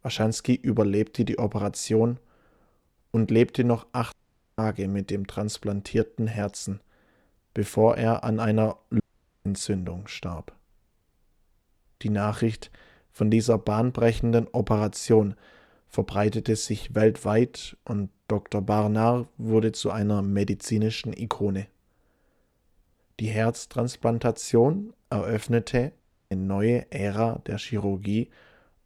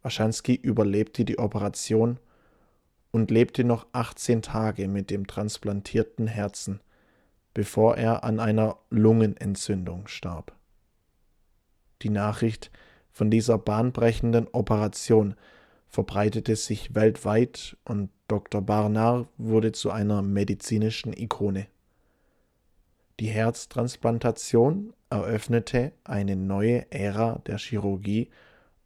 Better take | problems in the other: second | audio cutting out; at 4 s, at 9 s and at 26 s

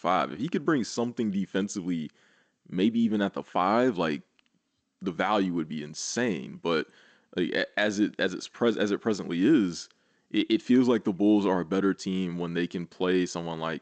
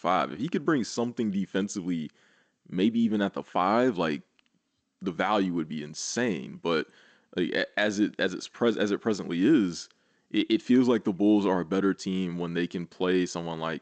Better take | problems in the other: neither | garbled, watery; slightly; nothing above 7.5 kHz; the same in both

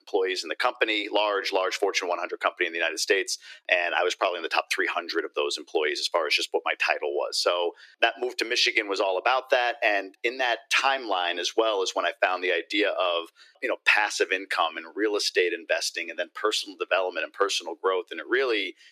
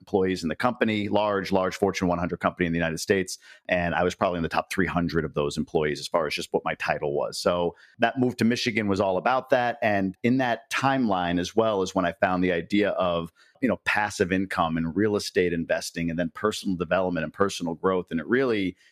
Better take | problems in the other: second | thin; very; fading below 300 Hz

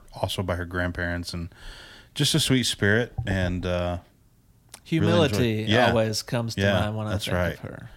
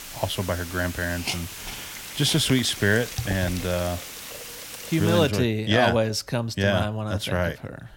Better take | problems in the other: first | hiss; noticeable; until 5.5 s; 10 dB below the speech

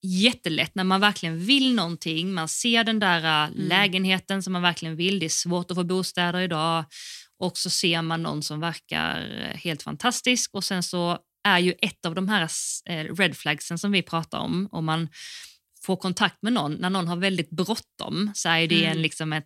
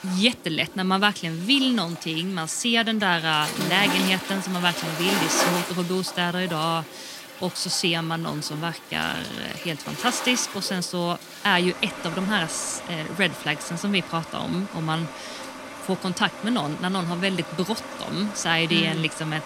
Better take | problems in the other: first | rain or running water; loud; throughout; 9 dB below the speech

